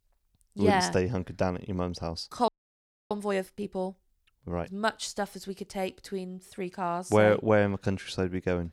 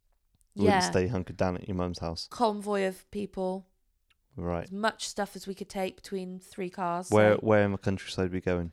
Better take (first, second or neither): second